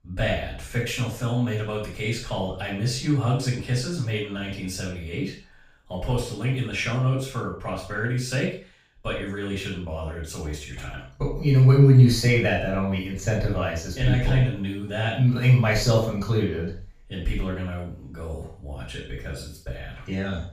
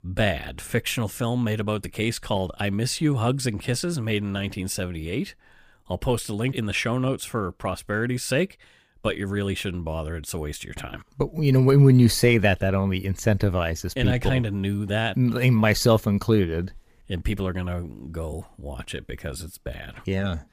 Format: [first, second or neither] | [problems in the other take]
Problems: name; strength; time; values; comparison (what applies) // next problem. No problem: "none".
second | room echo; noticeable; dies away in 0.4 s // off-mic speech; far